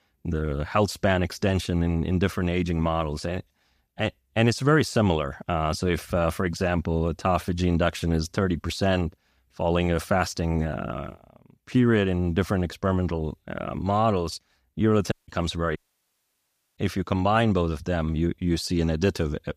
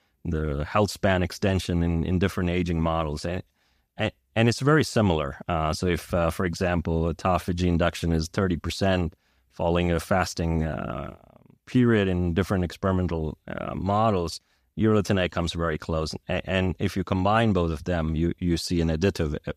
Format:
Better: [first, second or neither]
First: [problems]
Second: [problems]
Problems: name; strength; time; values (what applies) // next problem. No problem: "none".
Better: second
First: audio cutting out; at 15 s and at 16 s for 1 s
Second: none